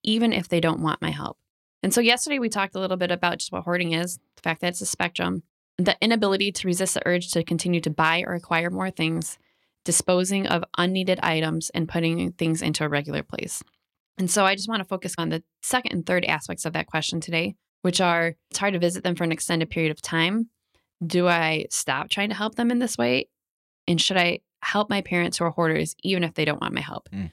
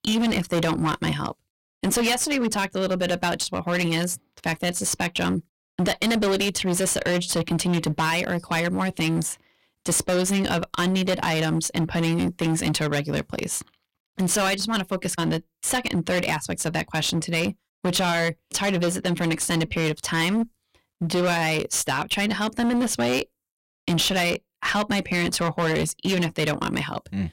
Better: first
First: none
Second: distortion; heavy; 19% of the sound clipped

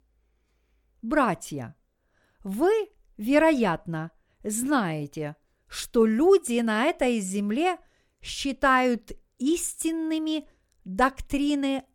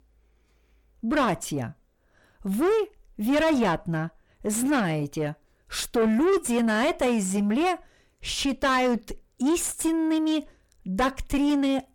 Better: first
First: none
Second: distortion; heavy; 6 dB below the speech

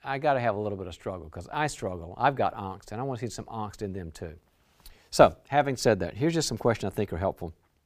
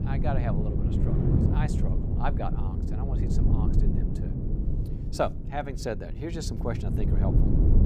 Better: first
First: none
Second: low rumble; loud; throughout; 3 dB below the speech

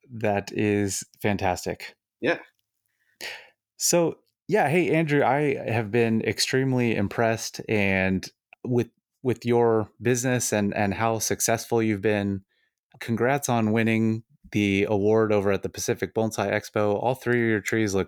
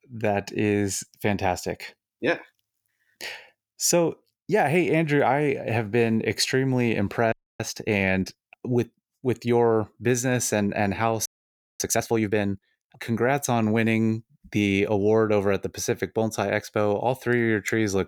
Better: first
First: none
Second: audio freezing; at 7.5 s and at 11 s for 0.5 s

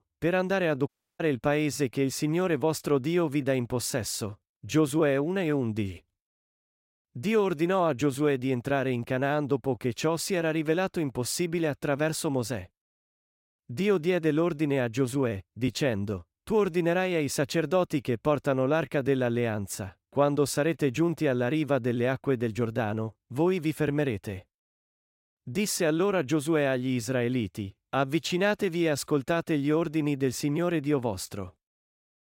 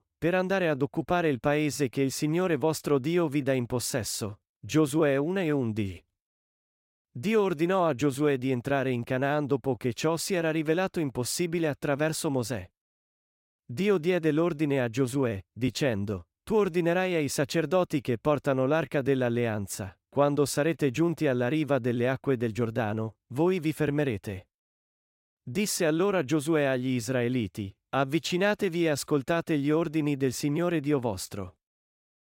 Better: second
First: audio cutting out; at 1 s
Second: none

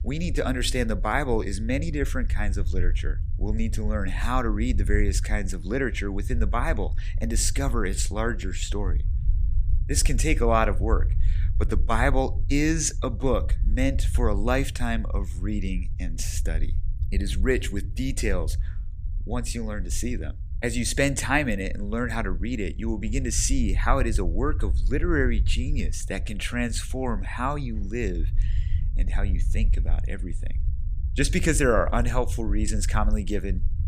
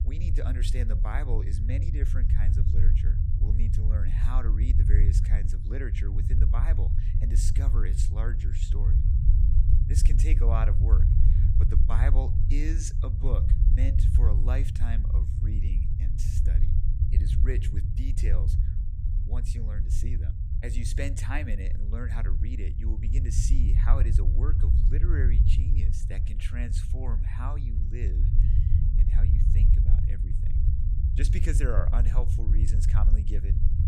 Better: first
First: low rumble; faint; throughout; 20 dB below the speech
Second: low rumble; loud; throughout; 3 dB below the speech

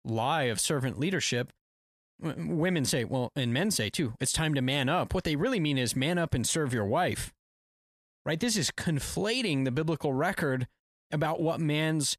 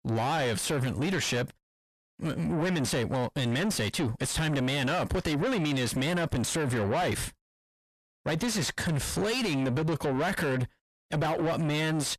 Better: first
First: none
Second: distortion; heavy; 6 dB below the speech

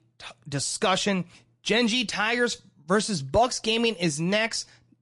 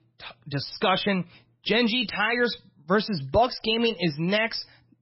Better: first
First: garbled, watery; slightly; nothing above 9.5 kHz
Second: garbled, watery; badly; nothing above 5.5 kHz

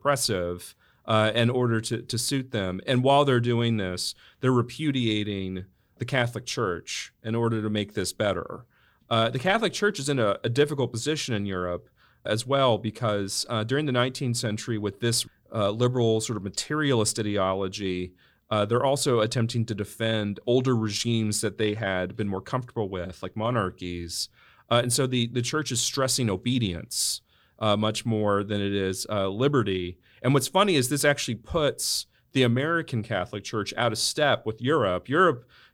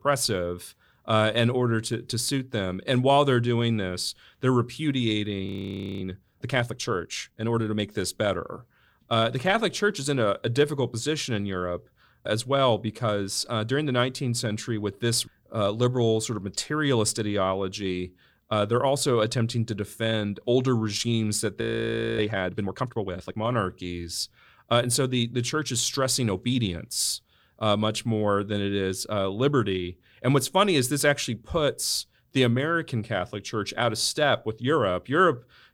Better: first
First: none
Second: audio freezing; at 5.5 s for 0.5 s and at 22 s for 0.5 s

